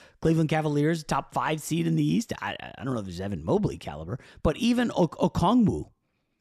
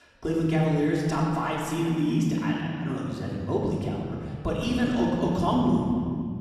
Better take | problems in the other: first | off-mic speech; far // room echo; noticeable; dies away in 2.6 s

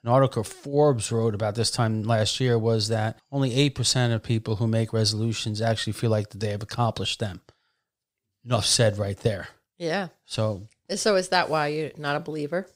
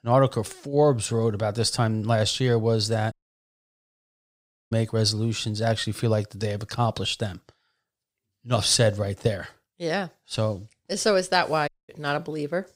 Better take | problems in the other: first | audio cutting out; at 3 s for 1.5 s and at 12 s

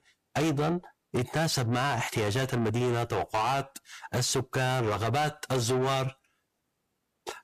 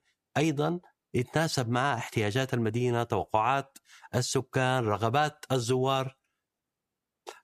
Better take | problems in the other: second | distortion; heavy; 6 dB below the speech

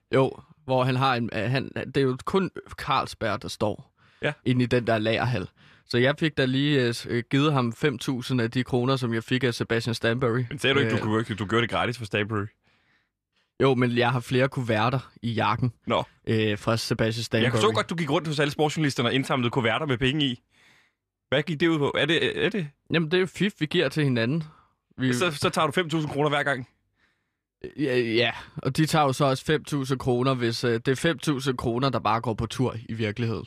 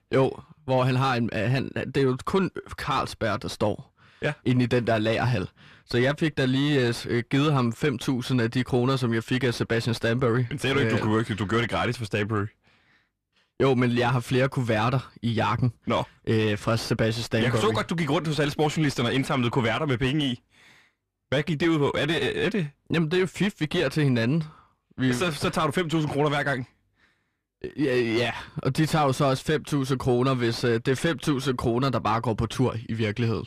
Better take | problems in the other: first | distortion; slight; 10 dB below the speech

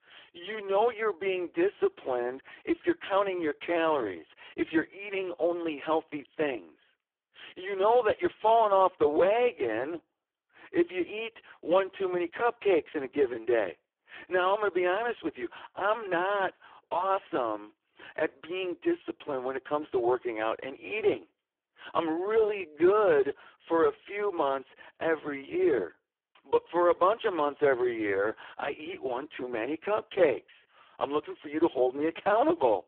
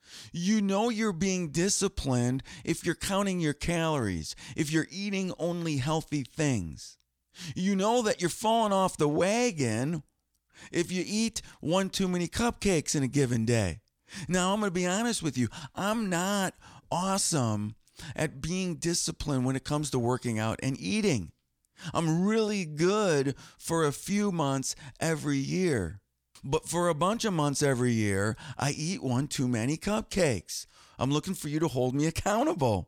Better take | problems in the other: second | phone-call audio; poor line

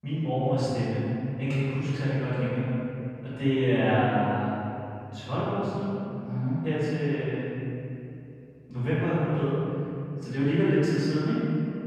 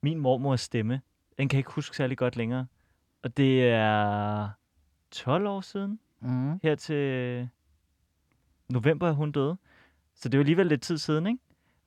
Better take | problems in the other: second | off-mic speech; far // room echo; strong; dies away in 2.8 s

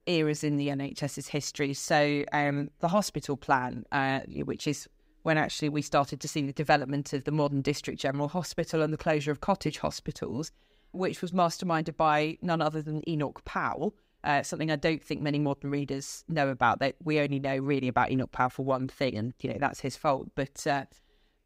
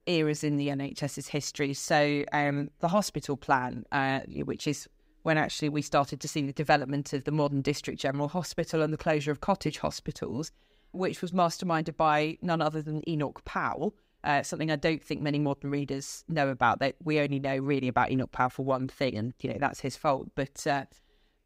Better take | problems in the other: neither | none

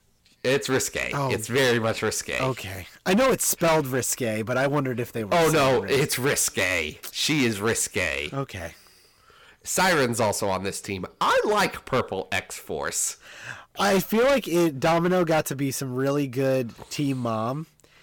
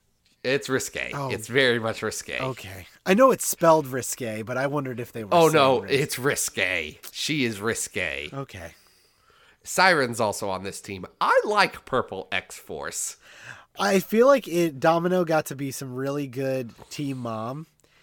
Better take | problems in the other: second | distortion; heavy; 10% of the sound clipped

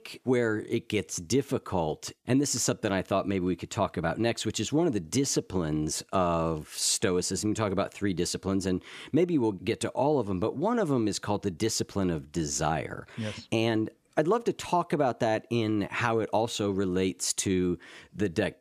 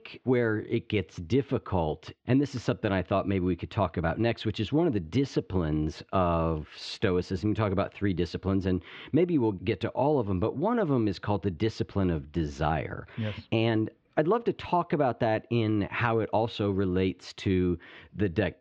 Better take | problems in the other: first | muffled; slightly; fading above 3.5 kHz

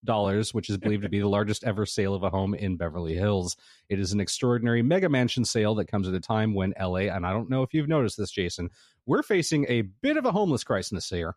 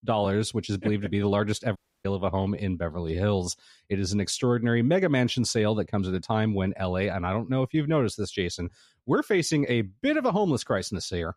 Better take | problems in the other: first | audio cutting out; at 2 s

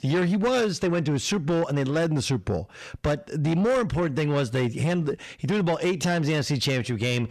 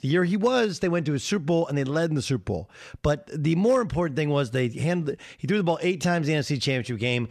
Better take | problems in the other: second | distortion; slight; 10 dB below the speech

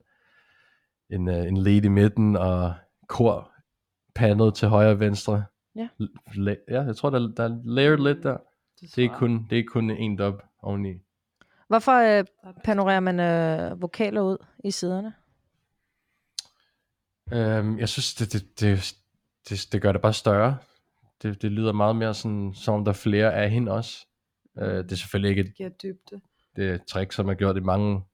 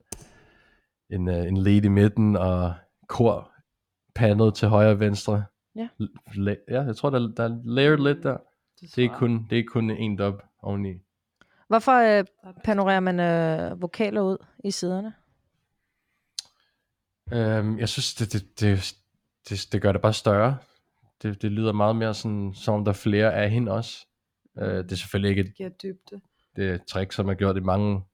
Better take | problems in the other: first | keyboard typing; faint; at the start; peak 20 dB below the speech

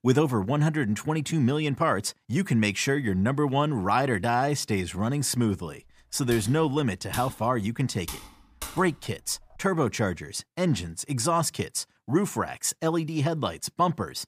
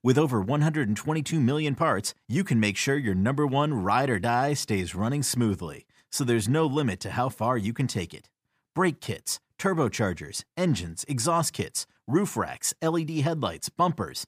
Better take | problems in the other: second | keyboard typing; faint; from 6.5 to 9.5 s; peak 10 dB below the speech

